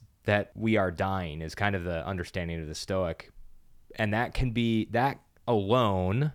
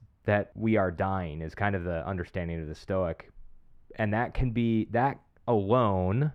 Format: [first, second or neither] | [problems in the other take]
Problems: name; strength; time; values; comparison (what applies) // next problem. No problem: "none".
first | muffled; slightly; fading above 3 kHz